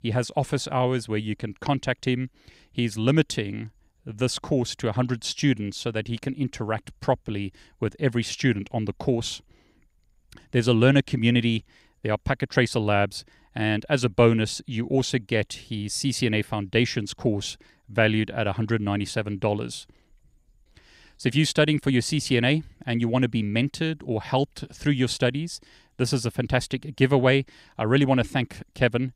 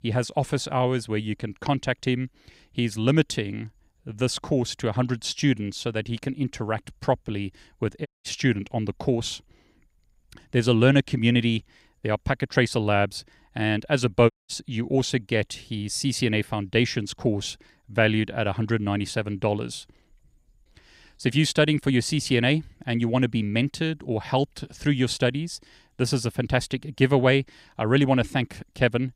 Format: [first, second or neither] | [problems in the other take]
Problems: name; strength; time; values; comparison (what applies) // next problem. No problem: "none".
first | audio cutting out; at 8 s and at 14 s